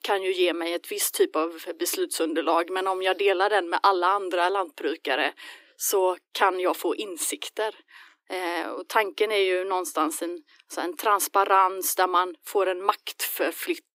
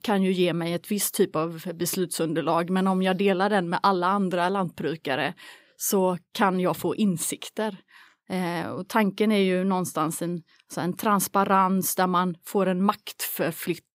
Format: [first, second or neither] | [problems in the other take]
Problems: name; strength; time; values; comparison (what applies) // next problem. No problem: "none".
second | thin; very; fading below 300 Hz